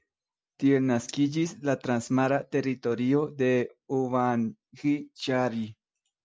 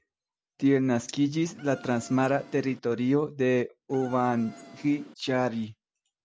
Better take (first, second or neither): first